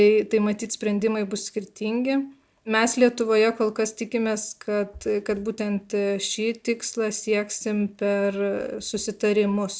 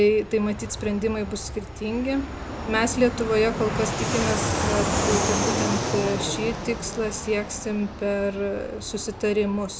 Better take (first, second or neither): first